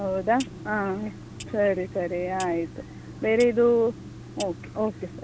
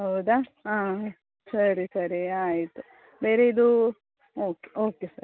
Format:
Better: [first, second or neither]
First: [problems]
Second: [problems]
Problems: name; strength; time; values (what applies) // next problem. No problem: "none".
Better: second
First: background sound (Clock + Dog); 14 dB below the speech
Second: none